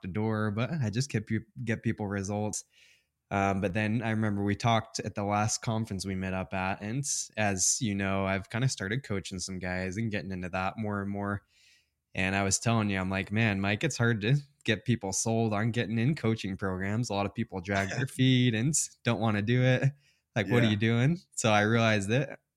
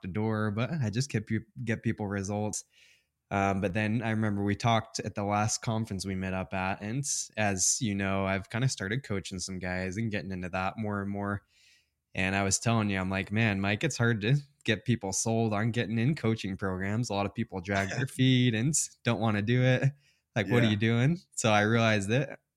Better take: neither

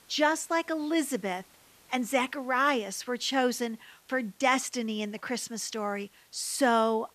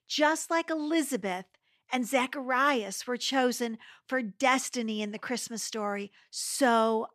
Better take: second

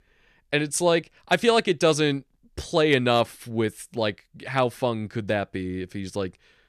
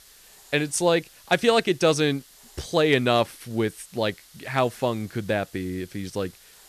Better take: first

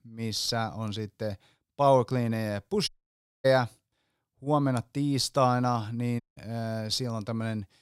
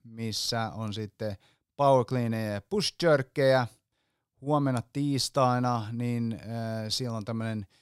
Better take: second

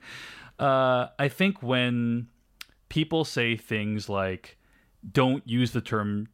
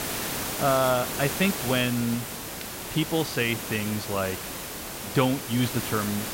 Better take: first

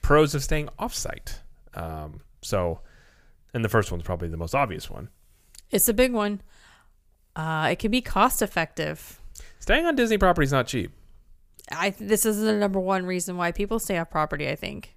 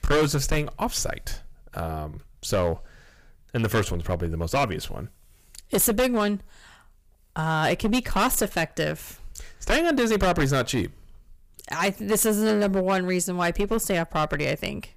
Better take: first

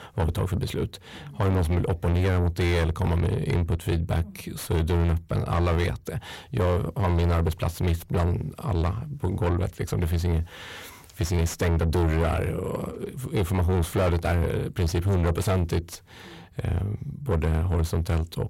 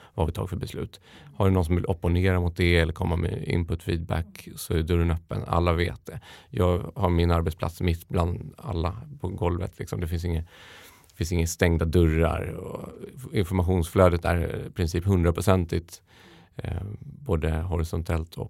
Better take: second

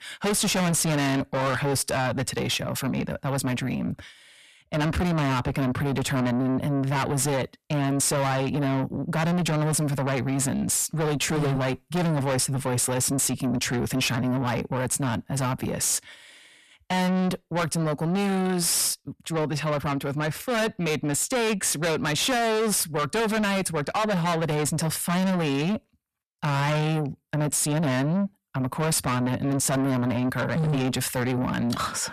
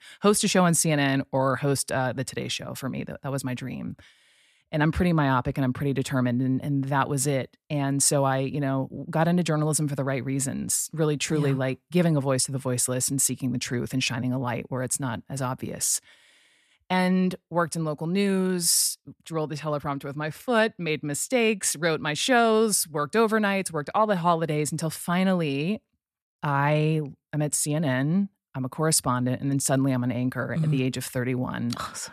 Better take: second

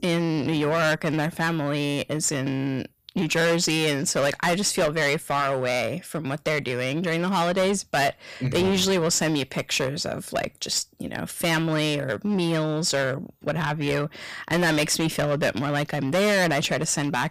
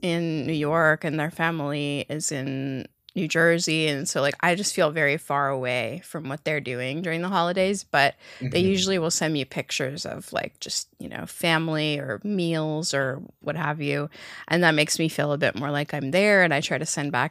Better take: second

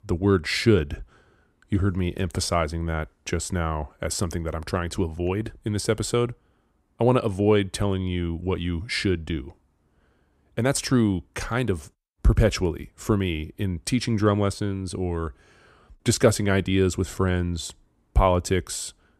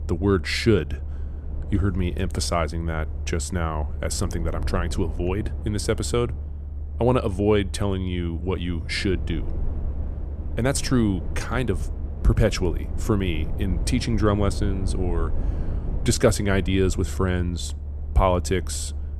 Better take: first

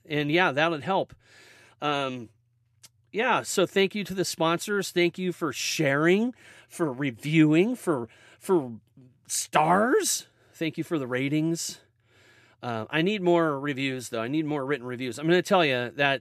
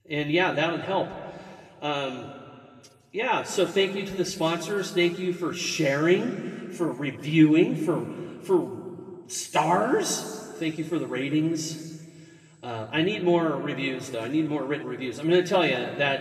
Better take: first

